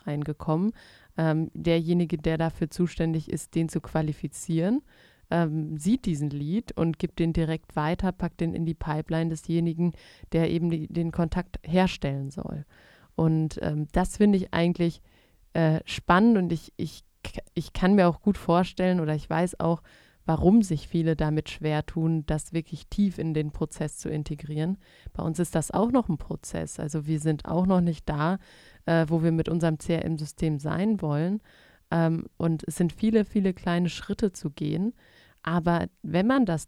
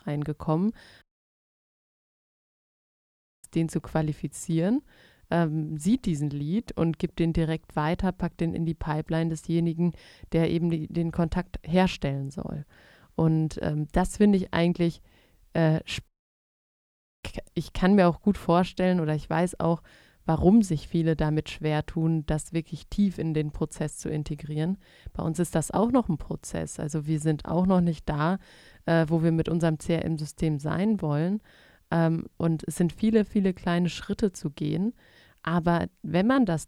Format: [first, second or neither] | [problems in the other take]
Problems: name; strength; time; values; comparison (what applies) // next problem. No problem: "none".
first | audio cutting out; at 1 s for 2.5 s and at 16 s for 1 s